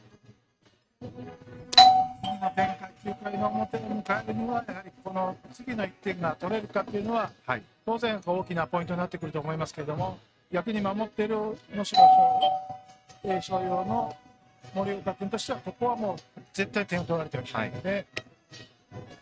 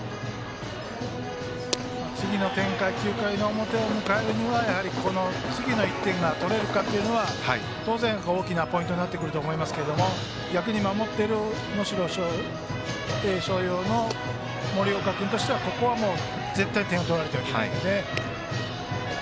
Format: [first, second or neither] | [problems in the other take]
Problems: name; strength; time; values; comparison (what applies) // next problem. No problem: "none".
second | noise reduction (neural mask model RNNoise)